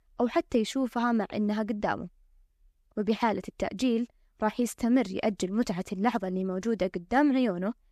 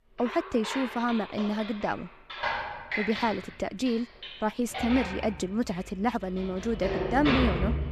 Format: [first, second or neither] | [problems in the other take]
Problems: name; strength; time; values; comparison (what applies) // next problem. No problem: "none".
first | household noises; loud; throughout; 4 dB below the speech